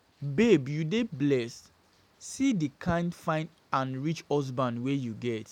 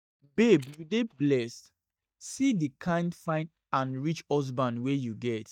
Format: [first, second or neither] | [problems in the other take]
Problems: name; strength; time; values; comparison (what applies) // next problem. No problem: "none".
first | noise reduction (neural mask model DeepFilterNet 3)